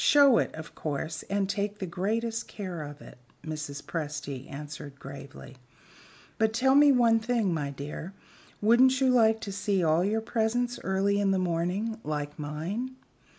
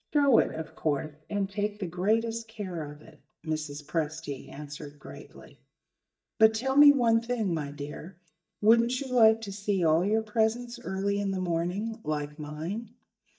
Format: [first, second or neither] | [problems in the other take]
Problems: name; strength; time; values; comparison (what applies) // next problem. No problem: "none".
first | noise reduction (neural mask model DeepFilterNet 3)